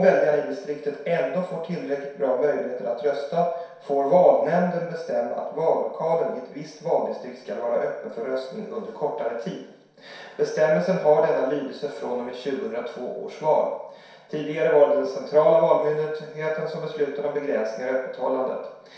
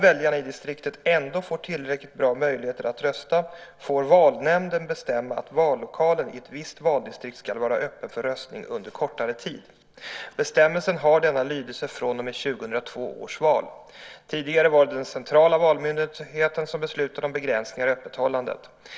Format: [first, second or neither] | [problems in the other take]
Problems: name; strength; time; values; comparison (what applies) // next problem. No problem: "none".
second | room echo; dies away in 0.7 s